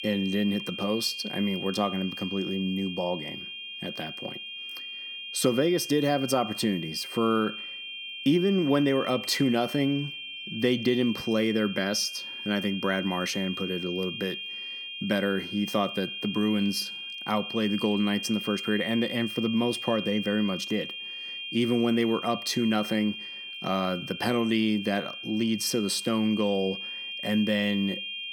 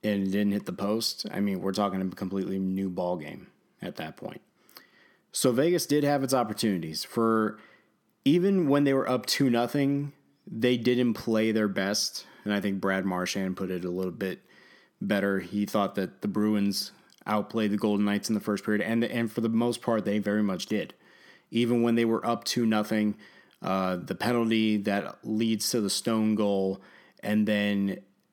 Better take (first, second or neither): second